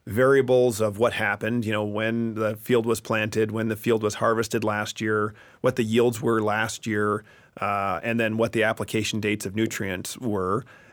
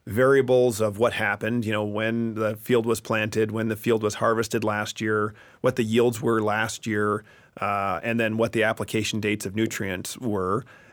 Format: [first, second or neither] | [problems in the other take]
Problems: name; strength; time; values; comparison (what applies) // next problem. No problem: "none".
neither | none